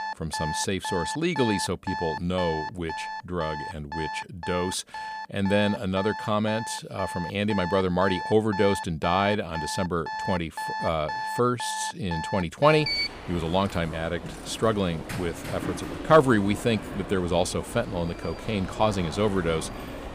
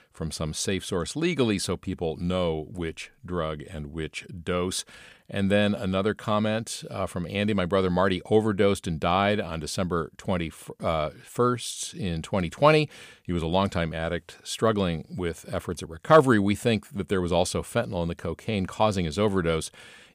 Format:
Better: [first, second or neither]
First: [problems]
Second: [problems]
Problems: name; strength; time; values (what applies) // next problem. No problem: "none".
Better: second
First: alarms or sirens; loud; throughout; 8 dB below the speech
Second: none